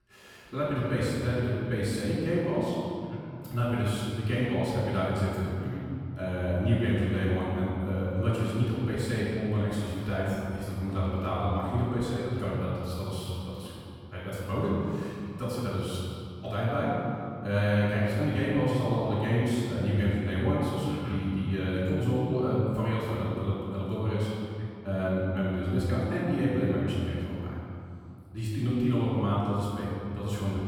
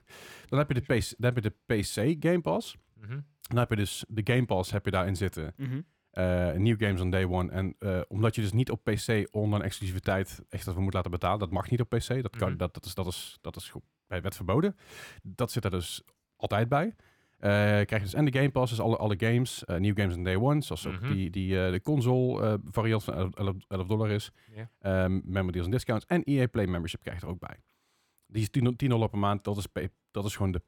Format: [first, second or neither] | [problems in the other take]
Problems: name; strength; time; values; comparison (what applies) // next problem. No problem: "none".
second | off-mic speech; far // room echo; strong; dies away in 2.3 s